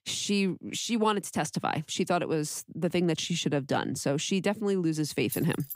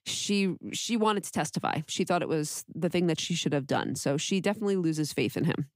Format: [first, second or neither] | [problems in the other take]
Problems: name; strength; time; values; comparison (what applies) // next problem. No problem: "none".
second | jangling keys; noticeable; at 5.5 s; peak 9 dB below the speech